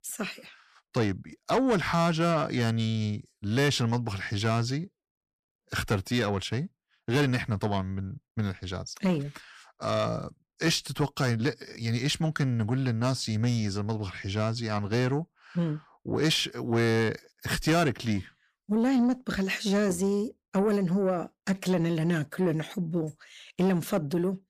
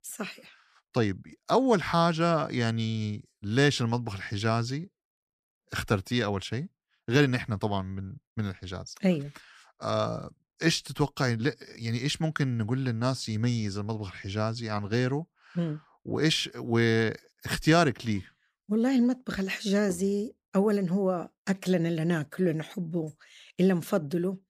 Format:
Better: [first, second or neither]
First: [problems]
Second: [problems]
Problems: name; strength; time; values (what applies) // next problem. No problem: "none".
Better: second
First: distortion; slight; 10 dB below the speech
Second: none